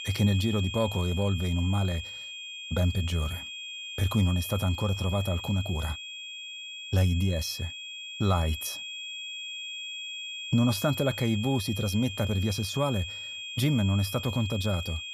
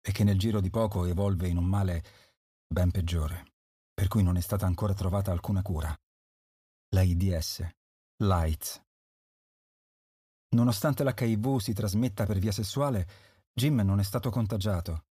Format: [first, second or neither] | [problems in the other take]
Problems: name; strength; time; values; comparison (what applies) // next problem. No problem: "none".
second | high-pitched whine; loud; throughout; 3.5 kHz, 8 dB below the speech